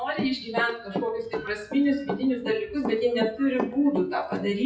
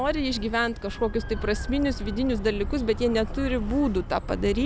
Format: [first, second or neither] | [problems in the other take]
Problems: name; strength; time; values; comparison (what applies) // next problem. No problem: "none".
second | noise reduction (classical method WPE with log-MMSE)